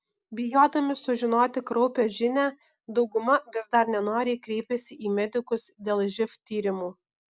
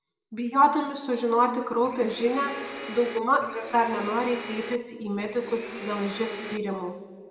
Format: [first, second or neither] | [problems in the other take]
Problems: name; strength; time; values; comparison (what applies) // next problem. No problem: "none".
first | background sound (Domestic sounds, home sounds); 12 dB below the speech // room echo; dies away in 1.5 s